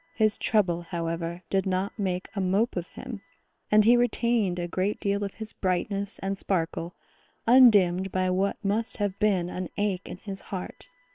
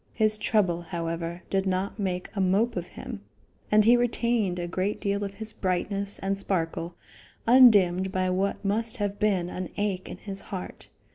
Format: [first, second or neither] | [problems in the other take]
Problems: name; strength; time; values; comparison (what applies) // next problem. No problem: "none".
second | noise reduction (neural separator model SepFormer WHAM!)